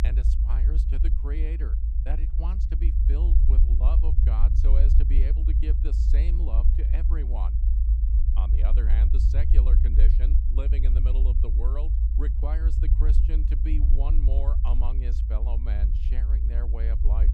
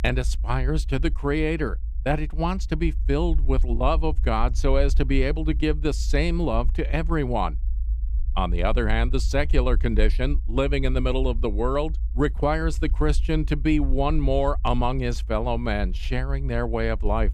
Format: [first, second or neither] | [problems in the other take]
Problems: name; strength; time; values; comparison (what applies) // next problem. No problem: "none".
second | low rumble; loud; throughout; 1 dB below the speech; faint in the second